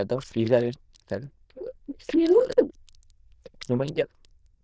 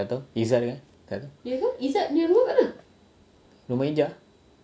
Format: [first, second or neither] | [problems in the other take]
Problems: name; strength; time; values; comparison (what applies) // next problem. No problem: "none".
second | noise reduction (neural diffusion model UNIVERSE++)